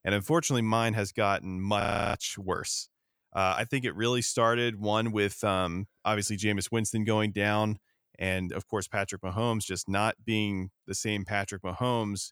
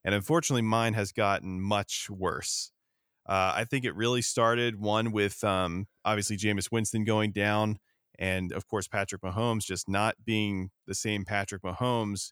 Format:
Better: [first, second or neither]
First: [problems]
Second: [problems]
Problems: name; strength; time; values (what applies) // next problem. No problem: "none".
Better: second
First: audio freezing; at 2 s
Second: none